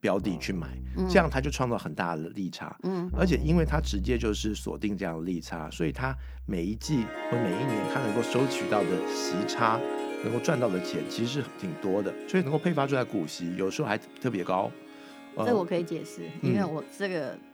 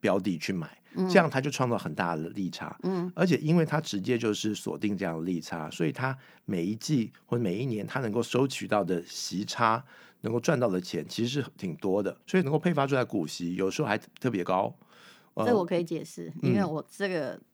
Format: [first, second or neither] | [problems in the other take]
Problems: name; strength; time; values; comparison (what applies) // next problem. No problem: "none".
second | background music; loud; throughout; 6 dB below the speech